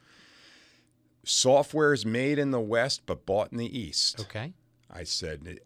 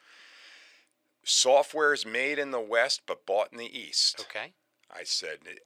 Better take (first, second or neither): first